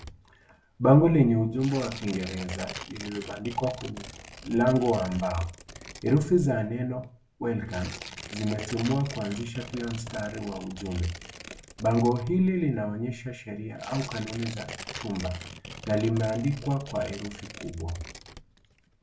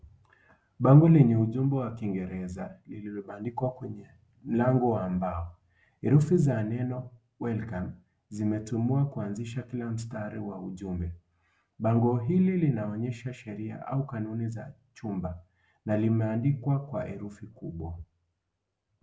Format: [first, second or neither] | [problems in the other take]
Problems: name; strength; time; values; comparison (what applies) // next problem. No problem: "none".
second | background sound (Tearing); 15 dB below the speech // room echo; dies away in 0.2 s